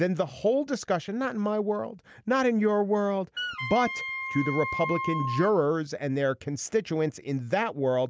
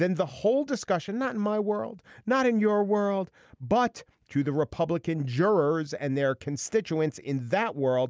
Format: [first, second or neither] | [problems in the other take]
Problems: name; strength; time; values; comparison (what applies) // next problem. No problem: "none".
second | background sound (Wind instrument, woodwind instrument); 6 dB below the speech